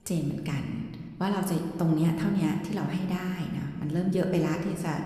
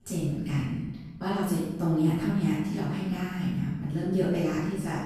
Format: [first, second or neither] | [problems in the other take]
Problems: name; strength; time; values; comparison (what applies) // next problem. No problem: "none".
first | room echo; strong; dies away in 0.9 s; slight in the first // off-mic speech; far